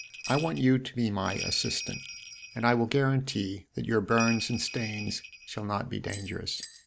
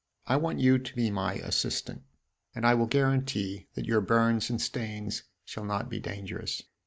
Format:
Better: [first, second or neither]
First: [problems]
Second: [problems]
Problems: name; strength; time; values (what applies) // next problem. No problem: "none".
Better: second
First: background sound (Bell); 13 dB below the speech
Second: none